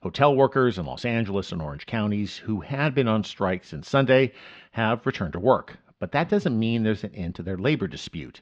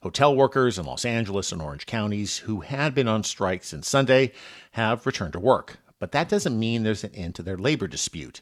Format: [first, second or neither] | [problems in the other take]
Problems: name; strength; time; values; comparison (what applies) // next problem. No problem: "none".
second | muffled; slightly; fading above 3.5 kHz